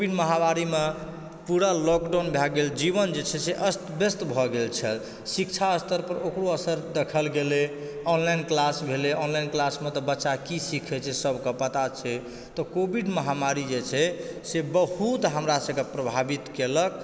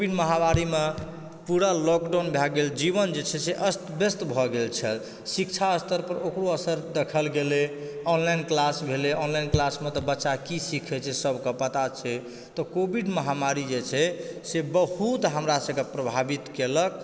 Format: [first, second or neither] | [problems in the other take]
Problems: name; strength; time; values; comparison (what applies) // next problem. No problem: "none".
first | noise reduction (neural separator model SepFormer DNS4)